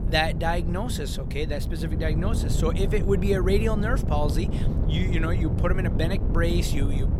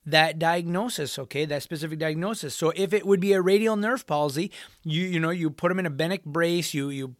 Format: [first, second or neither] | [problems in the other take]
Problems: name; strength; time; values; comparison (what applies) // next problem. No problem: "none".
second | wind noise on the microphone; heavy; 8 dB below the speech